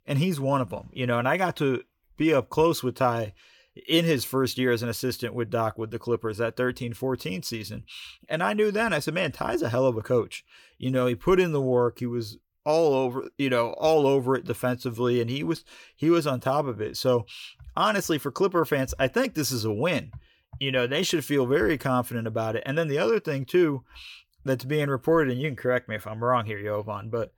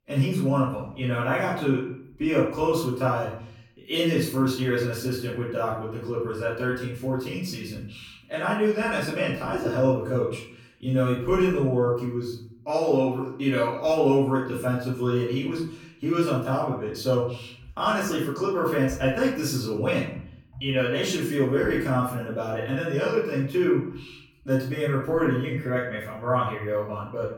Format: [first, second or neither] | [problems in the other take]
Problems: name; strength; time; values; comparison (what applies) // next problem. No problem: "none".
first | off-mic speech; far // room echo; noticeable; dies away in 0.6 s